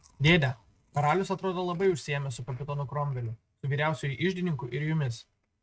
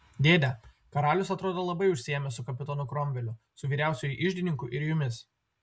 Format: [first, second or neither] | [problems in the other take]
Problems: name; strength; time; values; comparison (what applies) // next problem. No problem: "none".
second | noise reduction (neural mask model RNNoise)